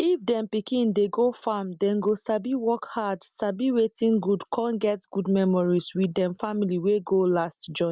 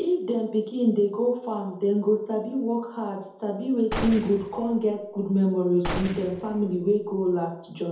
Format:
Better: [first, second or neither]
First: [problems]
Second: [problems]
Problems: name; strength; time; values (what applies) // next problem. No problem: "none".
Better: first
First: none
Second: background sound (Gunshot, gunfire); 10 dB below the speech // room echo; dies away in 2.1 s